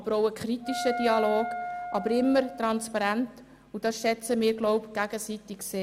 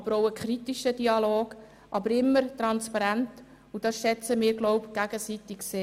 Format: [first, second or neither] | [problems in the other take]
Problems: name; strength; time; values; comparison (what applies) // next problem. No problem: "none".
second | background sound (Wind instrument, woodwind instrument); 8 dB below the speech